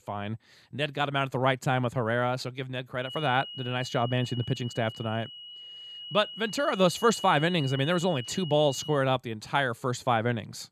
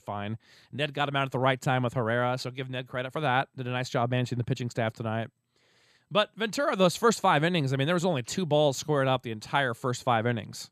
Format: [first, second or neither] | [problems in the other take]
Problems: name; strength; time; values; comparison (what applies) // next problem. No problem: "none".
second | high-pitched whine; noticeable; from 3 to 9 s; 3 kHz, 10 dB below the speech